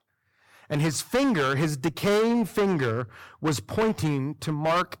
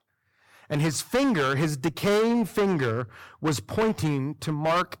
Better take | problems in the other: neither | distortion; heavy; 15% of the sound clipped; the same in both

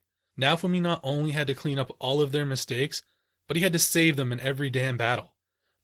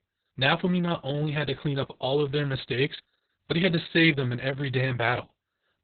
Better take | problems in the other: first | garbled, watery; badly; nothing above 4 kHz; slightly in the first

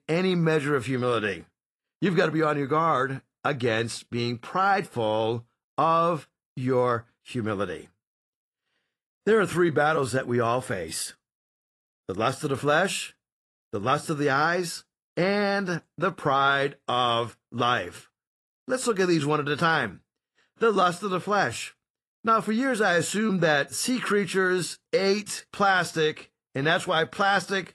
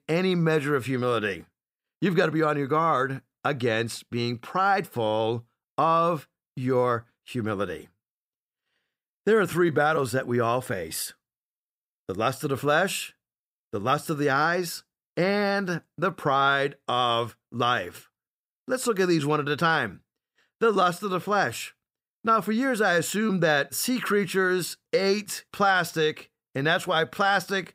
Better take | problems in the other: second | garbled, watery; slightly; nothing above 11.5 kHz

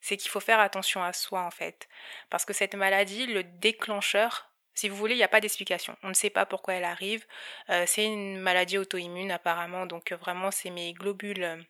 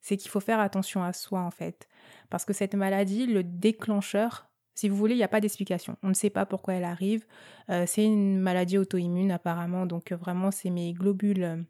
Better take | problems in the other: second | thin; very; fading below 600 Hz

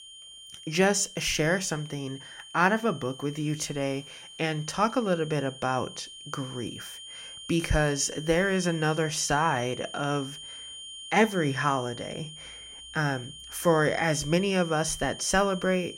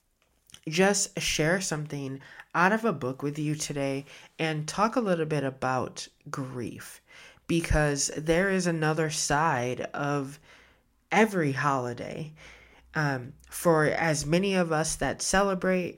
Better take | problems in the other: second | high-pitched whine; noticeable; throughout; 3 kHz, 15 dB below the speech

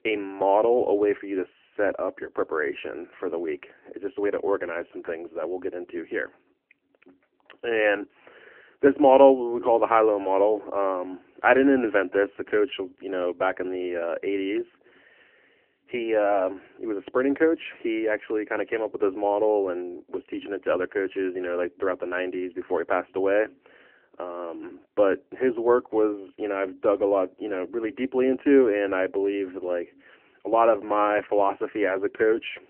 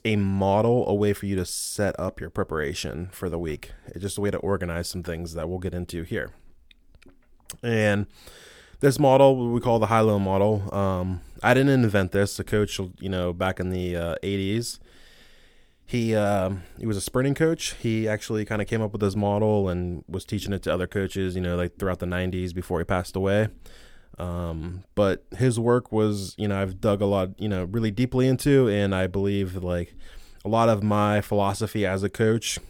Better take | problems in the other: second | phone-call audio; nothing above 3 kHz

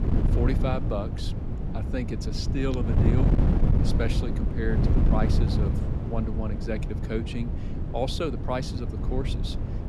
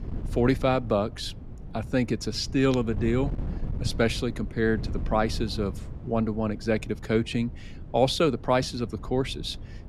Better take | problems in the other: second | wind noise on the microphone; heavy; 3 dB below the speech; occasional gusts in the second

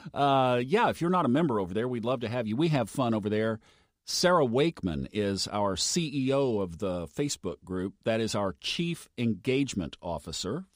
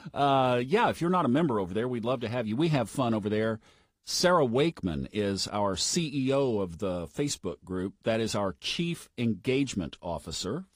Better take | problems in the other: first | garbled, watery; slightly; nothing above 15.5 kHz

